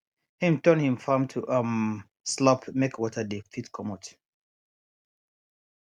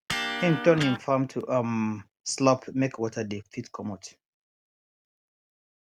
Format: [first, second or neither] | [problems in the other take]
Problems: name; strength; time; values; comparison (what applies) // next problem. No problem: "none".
first | background sound (Electric guitar); 7 dB below the speech